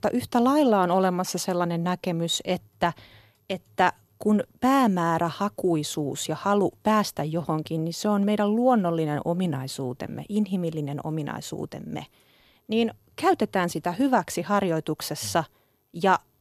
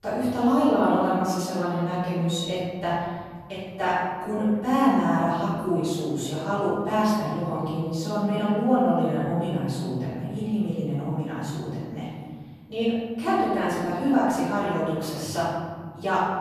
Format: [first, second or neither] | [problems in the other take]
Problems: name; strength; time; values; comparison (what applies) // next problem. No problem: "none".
first | room echo; strong; dies away in 2.2 s // off-mic speech; far